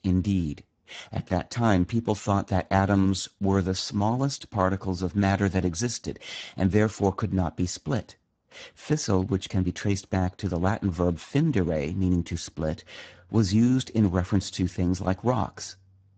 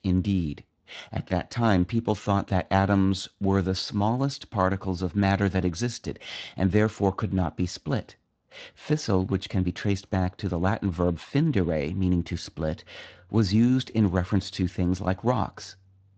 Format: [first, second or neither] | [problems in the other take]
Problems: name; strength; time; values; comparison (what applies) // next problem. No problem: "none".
second | garbled, watery; badly; nothing above 7.5 kHz; slightly in the second